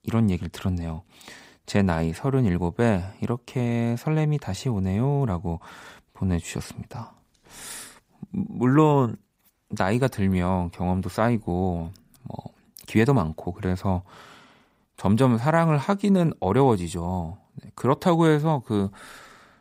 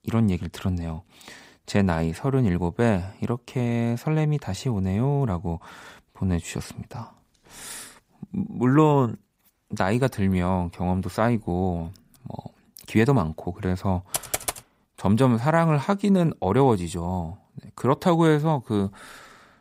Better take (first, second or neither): first